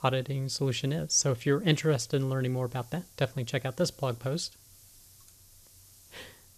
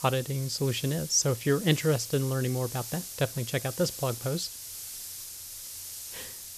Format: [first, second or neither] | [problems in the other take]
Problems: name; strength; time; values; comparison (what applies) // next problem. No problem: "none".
first | hiss; loud; throughout; 9 dB below the speech; faint in the first